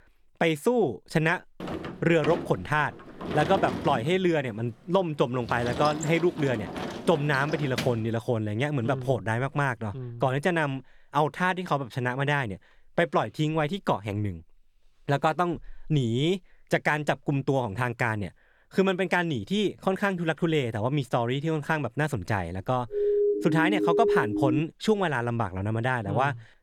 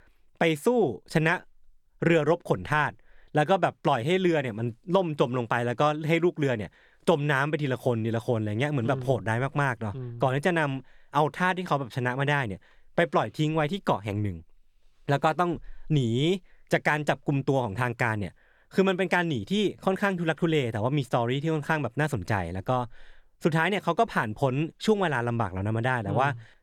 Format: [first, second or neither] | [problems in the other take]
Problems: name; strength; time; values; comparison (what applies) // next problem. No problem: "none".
second | door banging; noticeable; from 1.5 to 8 s; peak 4 dB below the speech // siren; loud; from 23 to 25 s; peak 3 dB above the speech